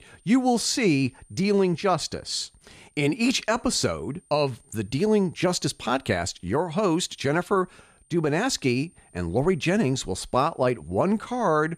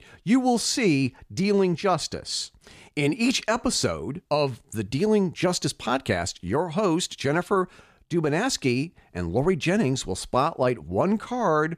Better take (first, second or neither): second